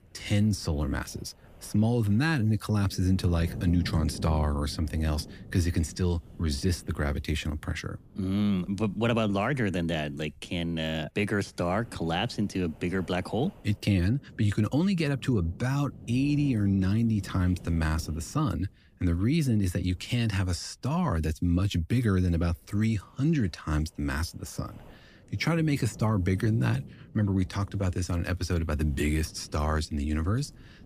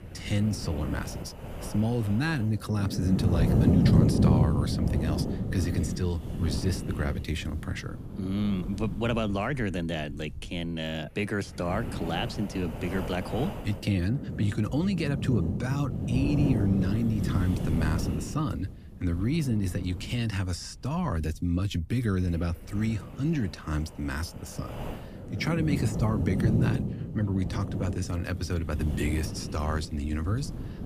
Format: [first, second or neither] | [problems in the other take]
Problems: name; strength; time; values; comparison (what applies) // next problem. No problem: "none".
first | wind noise on the microphone; heavy; 4 dB below the speech; occasional gusts in the first